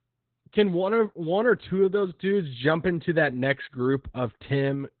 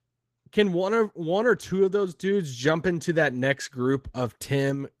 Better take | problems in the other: second | garbled, watery; badly; nothing above 4 kHz; slightly in the second

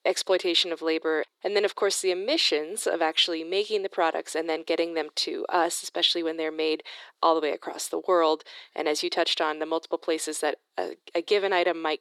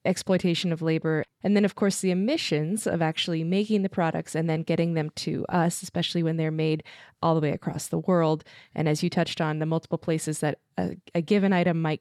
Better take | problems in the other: second | thin; very; fading below 350 Hz

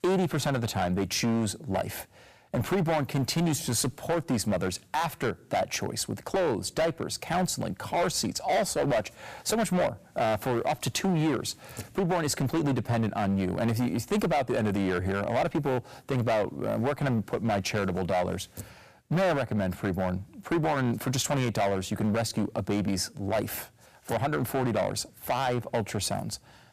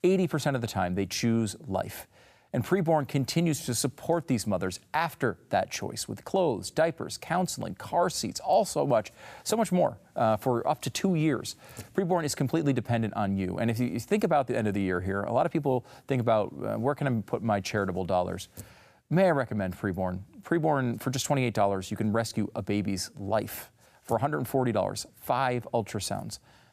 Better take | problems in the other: second | distortion; heavy; 13% of the sound clipped

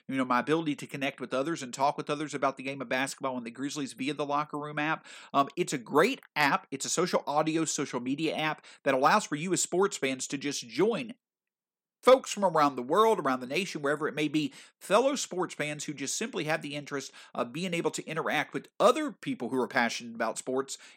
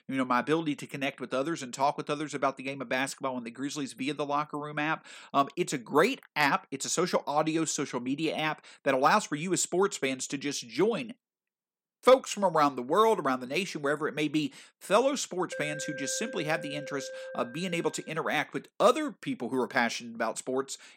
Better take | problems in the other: first | alarm; noticeable; from 16 to 18 s; peak 9 dB below the speech

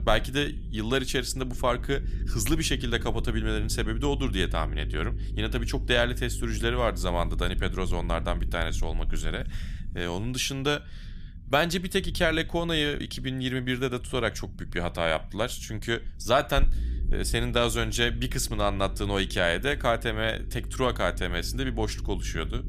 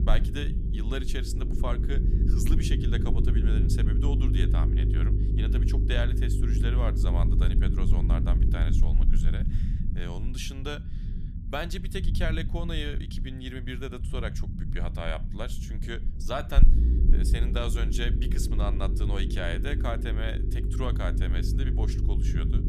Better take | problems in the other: first | low rumble; loud; throughout; 5 dB below the speech; faint in the first

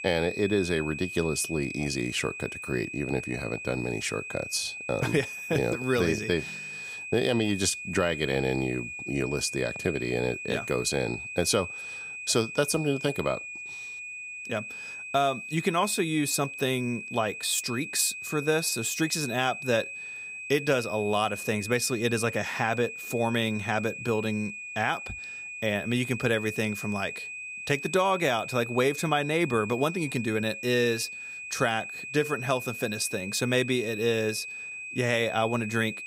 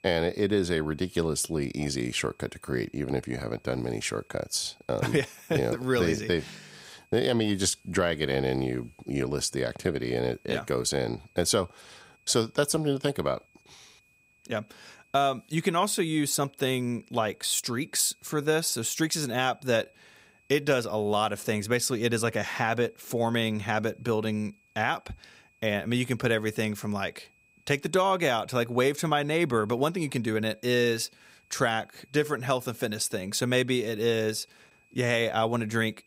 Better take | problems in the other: second | high-pitched whine; loud; throughout; 2.5 kHz, 8 dB below the speech; faint in the second

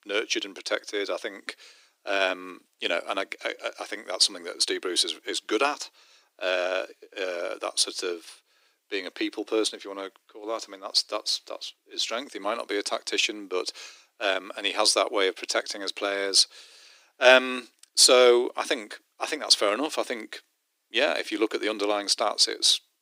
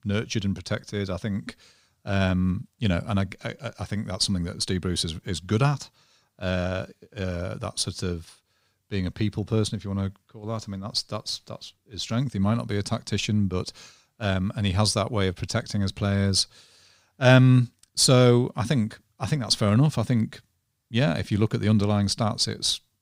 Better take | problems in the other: second | thin; very; fading below 300 Hz

